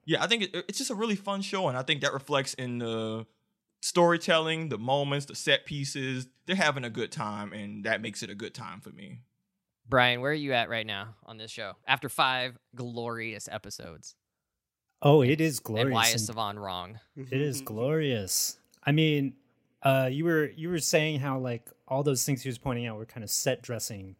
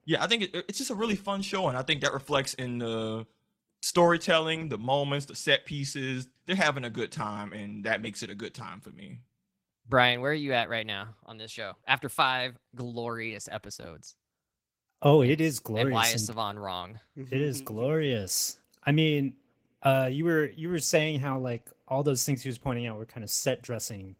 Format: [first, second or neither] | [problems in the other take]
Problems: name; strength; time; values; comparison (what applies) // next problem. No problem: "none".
first | garbled, watery; slightly; nothing above 16 kHz